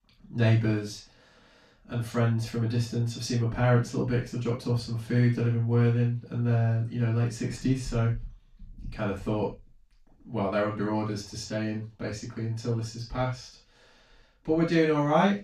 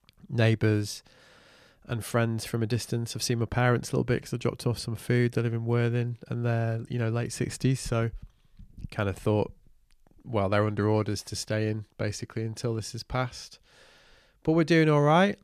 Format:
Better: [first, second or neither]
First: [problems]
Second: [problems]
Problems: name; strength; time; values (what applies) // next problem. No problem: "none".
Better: second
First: room echo; noticeable; dies away in 0.2 s // off-mic speech; far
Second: none